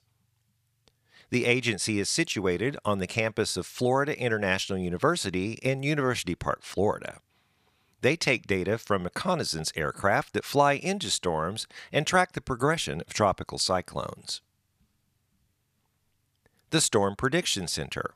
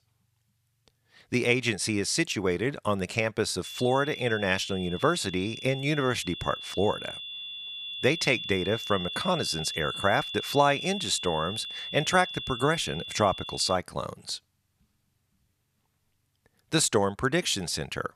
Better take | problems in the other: first | high-pitched whine; loud; from 3.5 to 14 s; 3.5 kHz, 8 dB below the speech

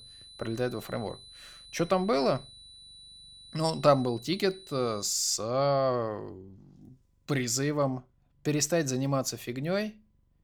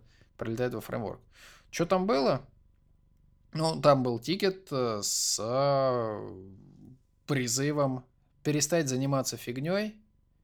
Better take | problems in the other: second | high-pitched whine; noticeable; until 5 s; 4 kHz, 20 dB below the speech

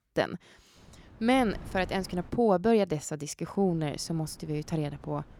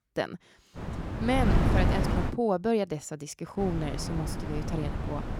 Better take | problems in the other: first | wind noise on the microphone; heavy; from 1 to 2.5 s and from 3.5 s on; 3 dB below the speech; occasional gusts in the first

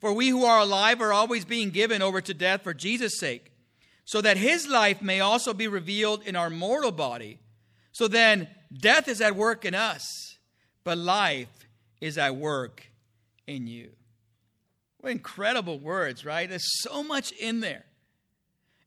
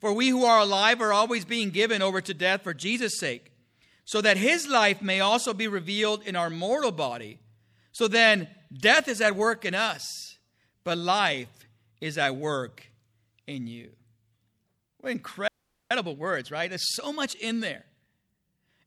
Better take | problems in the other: first | audio freezing; at 15 s

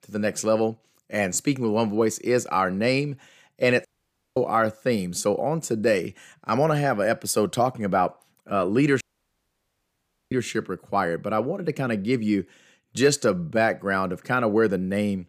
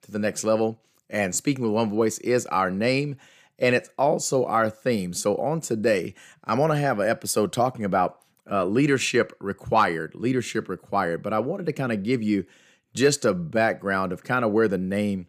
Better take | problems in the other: second | audio cutting out; at 4 s for 0.5 s and at 9 s for 1.5 s

